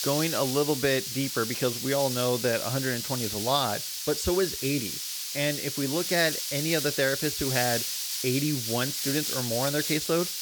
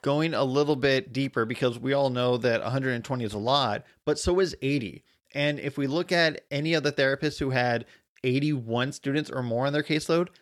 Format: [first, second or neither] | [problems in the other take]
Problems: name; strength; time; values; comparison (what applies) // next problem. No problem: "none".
second | hiss; loud; throughout; 2 dB below the speech